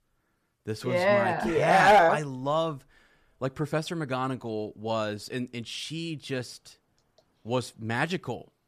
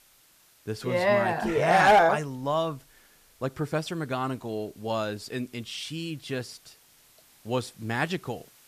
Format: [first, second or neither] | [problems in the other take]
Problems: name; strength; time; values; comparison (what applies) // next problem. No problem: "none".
first | hiss; faint; throughout; 30 dB below the speech